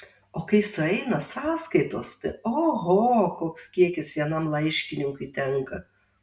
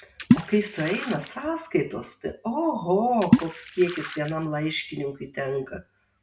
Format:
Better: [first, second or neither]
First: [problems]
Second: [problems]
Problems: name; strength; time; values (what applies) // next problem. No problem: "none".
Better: first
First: none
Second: background sound (Water / Splash, splatter); as loud as the speech